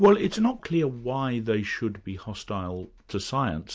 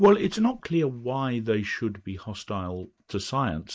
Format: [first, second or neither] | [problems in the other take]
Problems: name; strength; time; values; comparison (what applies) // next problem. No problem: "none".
first | noise reduction (neural mask model Resemble Enhance denoiser)